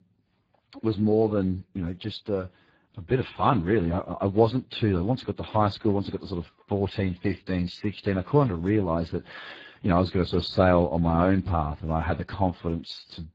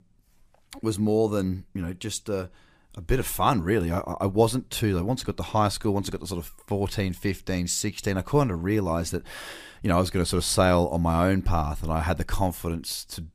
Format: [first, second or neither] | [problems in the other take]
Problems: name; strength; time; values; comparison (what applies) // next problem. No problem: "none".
second | garbled, watery; badly; nothing above 7.5 kHz